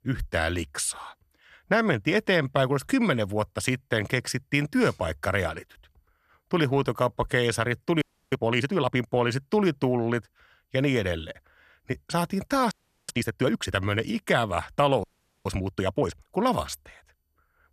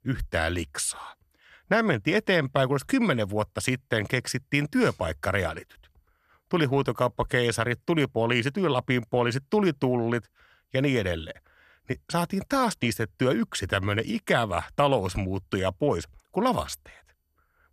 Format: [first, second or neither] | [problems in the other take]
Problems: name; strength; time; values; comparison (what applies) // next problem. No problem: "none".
second | audio freezing; at 8 s, at 13 s and at 15 s